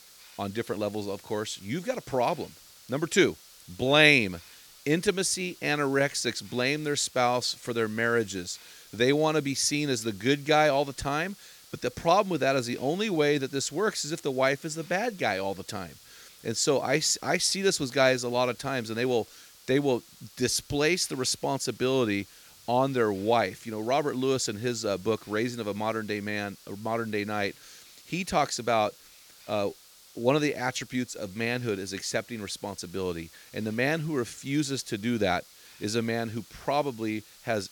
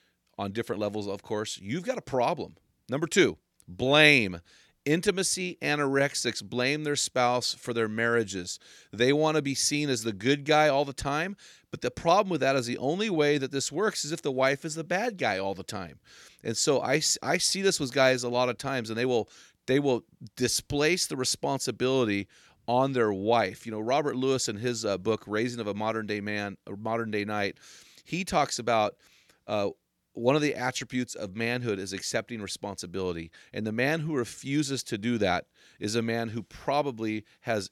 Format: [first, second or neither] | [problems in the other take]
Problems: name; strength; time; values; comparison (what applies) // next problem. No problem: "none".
second | hiss; faint; throughout; 20 dB below the speech